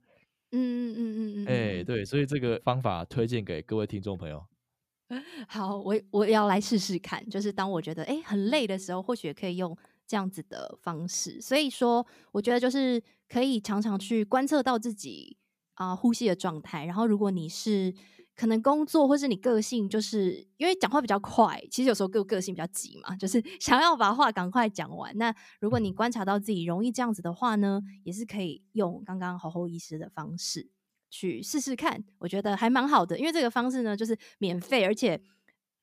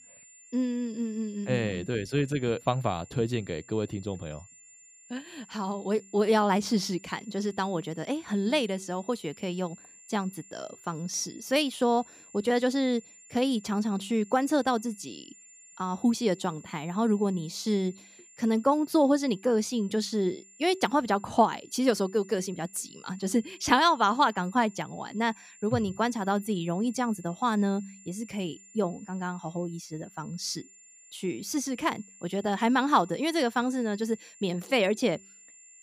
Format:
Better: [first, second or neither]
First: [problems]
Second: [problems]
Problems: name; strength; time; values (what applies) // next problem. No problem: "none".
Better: first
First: none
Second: high-pitched whine; faint; throughout; 7 kHz, 25 dB below the speech